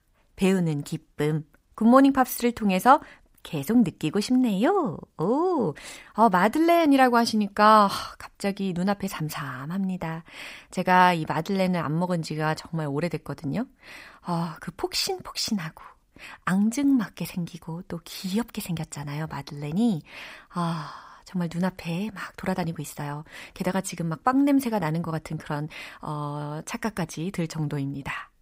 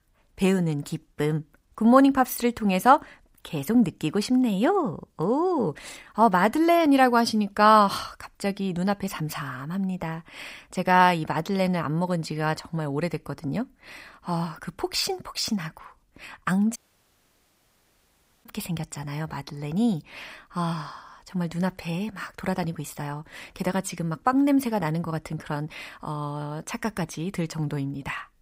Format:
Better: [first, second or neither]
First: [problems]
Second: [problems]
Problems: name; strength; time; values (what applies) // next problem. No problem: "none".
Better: first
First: none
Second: audio cutting out; at 17 s for 1.5 s